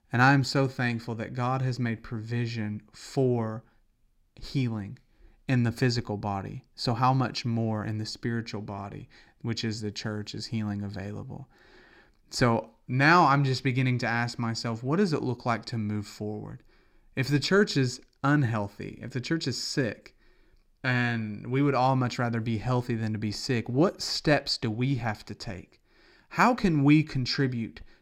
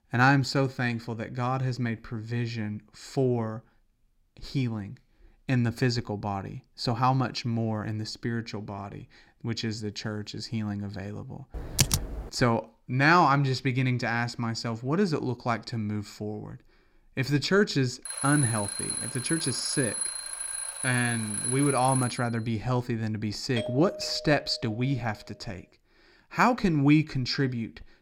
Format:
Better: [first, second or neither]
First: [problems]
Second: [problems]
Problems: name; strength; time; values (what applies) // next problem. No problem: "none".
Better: first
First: none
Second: keyboard typing; loud; at 12 s; peak 3 dB above the speech // alarm; noticeable; from 18 to 22 s; peak 1 dB below the speech // doorbell; noticeable; from 24 to 25 s; peak 8 dB below the speech